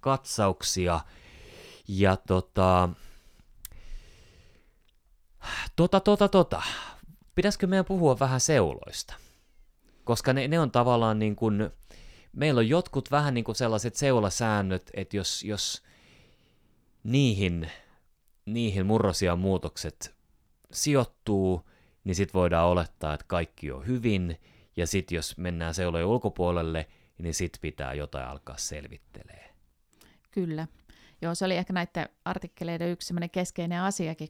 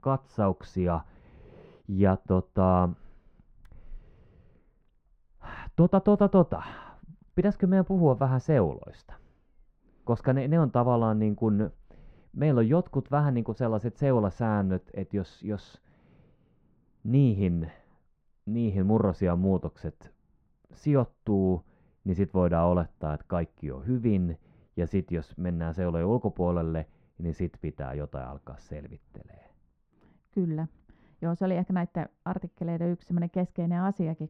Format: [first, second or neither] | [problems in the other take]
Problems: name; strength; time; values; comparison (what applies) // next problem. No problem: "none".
first | muffled; very; fading above 3.5 kHz